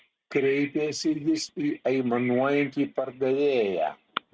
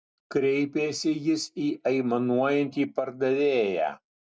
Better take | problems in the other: second | noise reduction (neural mask model RNNoise)

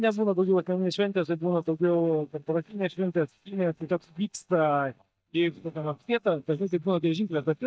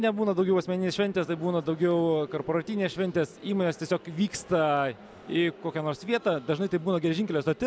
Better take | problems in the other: second | noise reduction (neural mask model DeepFilterNet 3)

